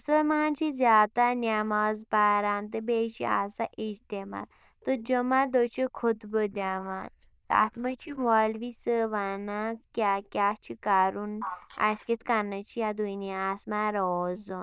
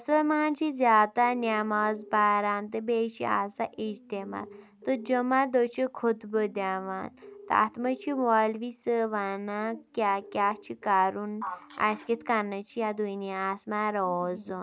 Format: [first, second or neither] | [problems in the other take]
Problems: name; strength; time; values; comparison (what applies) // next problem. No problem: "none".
second | noise reduction (neural diffusion model UNIVERSE++)